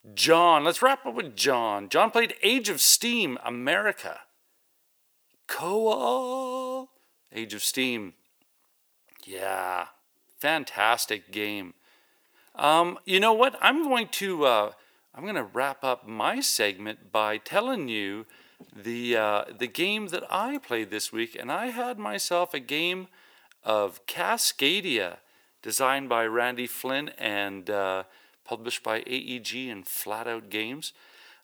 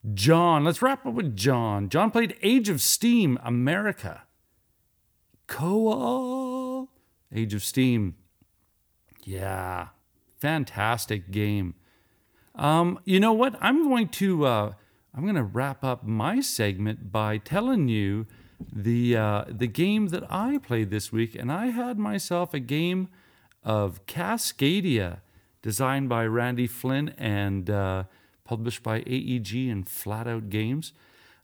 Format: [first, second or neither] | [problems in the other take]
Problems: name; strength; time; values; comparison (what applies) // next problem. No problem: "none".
second | thin; somewhat; fading below 500 Hz